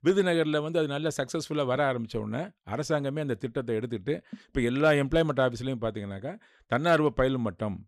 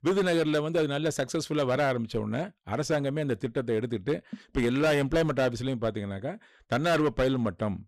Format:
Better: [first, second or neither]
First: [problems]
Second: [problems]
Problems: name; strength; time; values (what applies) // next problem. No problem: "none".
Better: first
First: none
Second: distortion; slight; 9% of the sound clipped